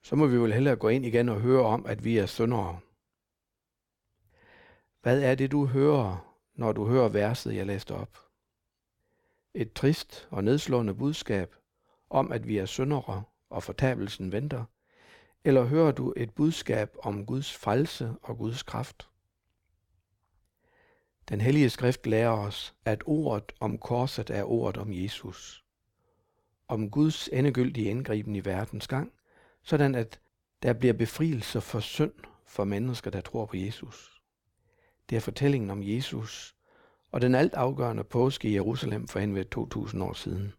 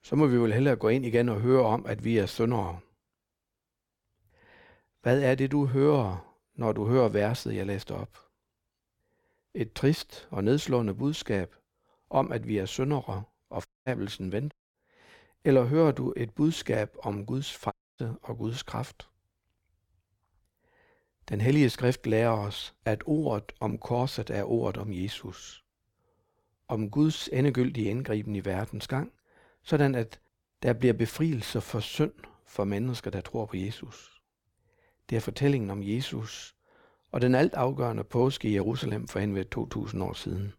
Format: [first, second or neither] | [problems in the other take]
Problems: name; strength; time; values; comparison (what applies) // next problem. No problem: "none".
first | audio cutting out; at 14 s, at 15 s and at 18 s